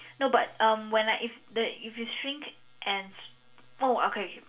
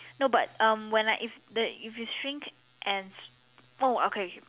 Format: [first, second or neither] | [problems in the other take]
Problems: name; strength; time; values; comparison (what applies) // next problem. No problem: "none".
second | room echo; dies away in 0.3 s